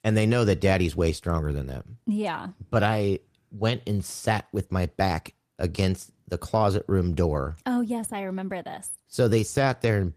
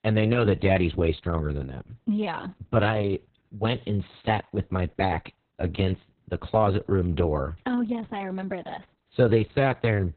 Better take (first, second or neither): first